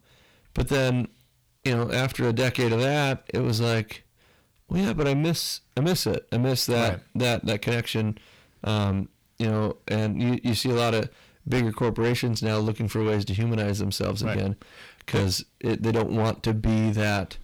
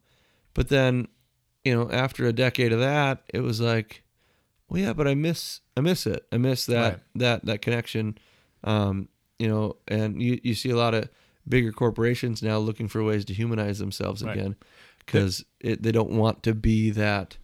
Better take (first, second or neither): second